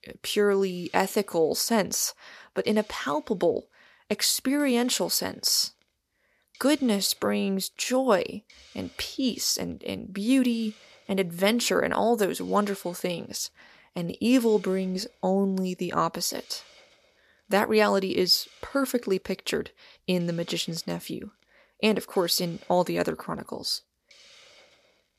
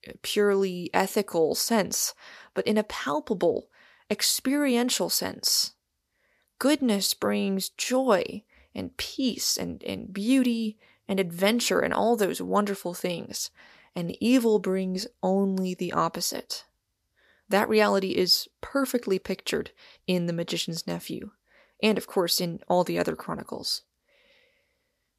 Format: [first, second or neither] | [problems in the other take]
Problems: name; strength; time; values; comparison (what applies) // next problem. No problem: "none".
second | hiss; faint; throughout; 25 dB below the speech